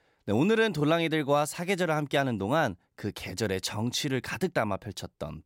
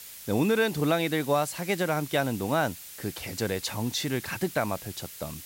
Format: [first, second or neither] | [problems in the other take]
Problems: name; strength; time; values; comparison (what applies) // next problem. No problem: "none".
first | hiss; noticeable; throughout; 15 dB below the speech